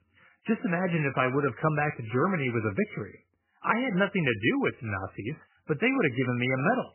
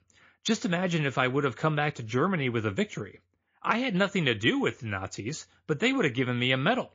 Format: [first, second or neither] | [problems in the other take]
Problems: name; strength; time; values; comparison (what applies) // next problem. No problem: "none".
second | garbled, watery; badly; nothing above 3 kHz; slightly in the second